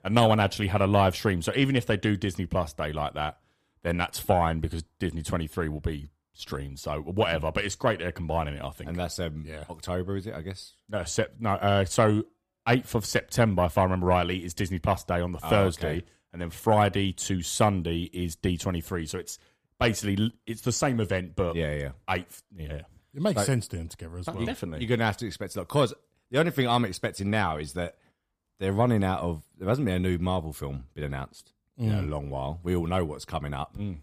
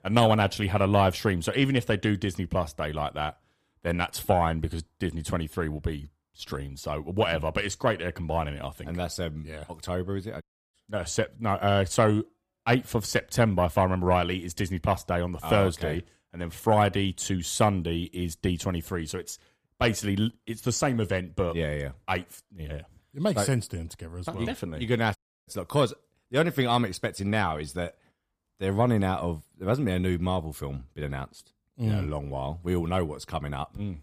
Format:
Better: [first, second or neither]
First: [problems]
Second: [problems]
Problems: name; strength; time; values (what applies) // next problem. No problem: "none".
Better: first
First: none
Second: audio cutting out; at 10 s and at 25 s